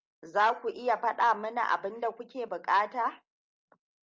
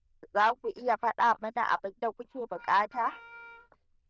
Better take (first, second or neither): first